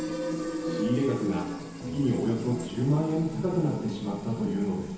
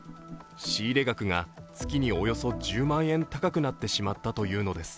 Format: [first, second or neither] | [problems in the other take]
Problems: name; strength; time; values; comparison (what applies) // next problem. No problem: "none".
second | background sound (Fill (with liquid)); 6 dB below the speech // room echo; dies away in 1 s